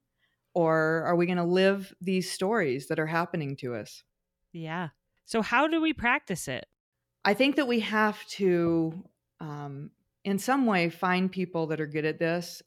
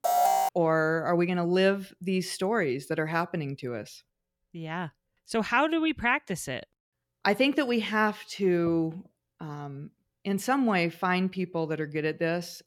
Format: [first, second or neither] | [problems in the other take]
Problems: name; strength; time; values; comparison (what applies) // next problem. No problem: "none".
first | alarm; loud; at the start; peak 4 dB above the speech